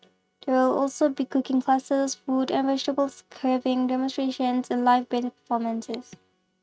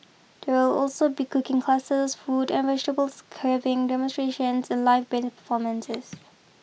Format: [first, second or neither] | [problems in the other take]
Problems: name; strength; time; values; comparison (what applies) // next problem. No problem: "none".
second | noise reduction (neural mask model RNNoise)